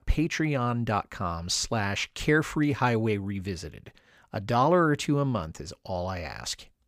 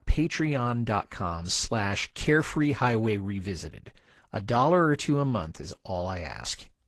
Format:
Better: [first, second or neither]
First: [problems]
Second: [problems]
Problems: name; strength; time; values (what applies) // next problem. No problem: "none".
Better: first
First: none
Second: garbled, watery; slightly